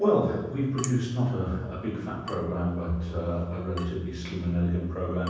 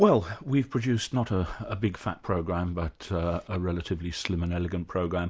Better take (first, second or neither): second